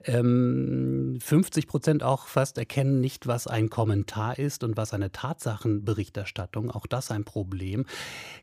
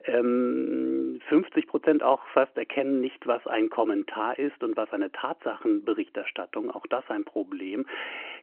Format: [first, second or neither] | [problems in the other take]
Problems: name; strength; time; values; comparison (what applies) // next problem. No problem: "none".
first | phone-call audio